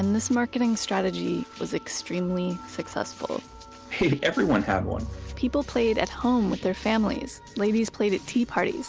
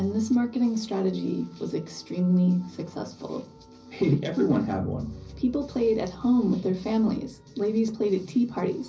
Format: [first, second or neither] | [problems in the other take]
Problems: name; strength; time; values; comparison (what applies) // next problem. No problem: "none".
first | room echo; dies away in 0.5 s